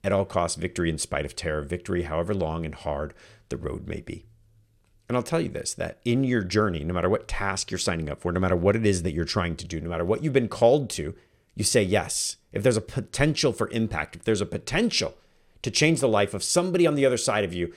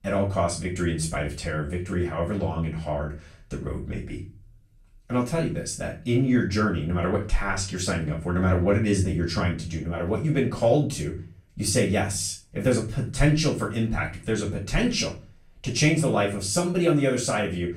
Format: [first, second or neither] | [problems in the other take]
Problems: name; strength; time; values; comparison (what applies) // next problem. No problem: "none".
first | room echo; slight; dies away in 0.3 s // off-mic speech; far